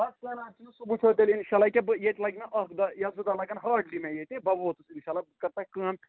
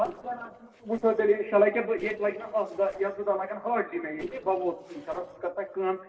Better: first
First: none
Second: noise reduction (neural separator model SepFormer DNS4)

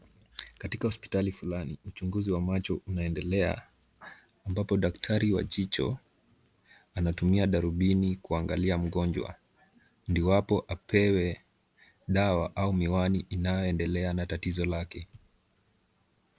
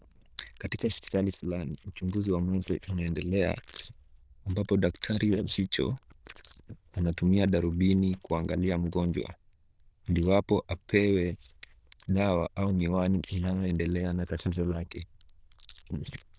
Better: first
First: none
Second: noise reduction (neural diffusion model UNIVERSE++)

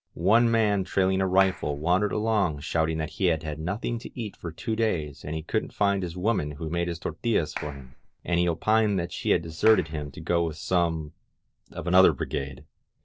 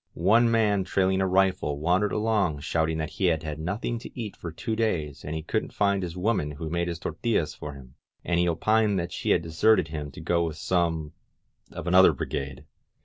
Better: second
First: noise reduction (neural separator model SepFormer DNS4)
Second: none

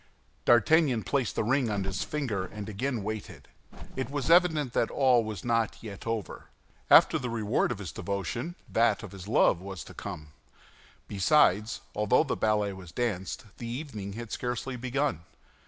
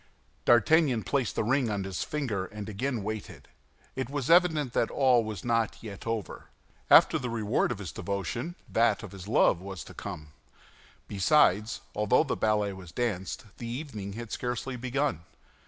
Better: second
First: background sound (Bird); 7 dB below the speech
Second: none

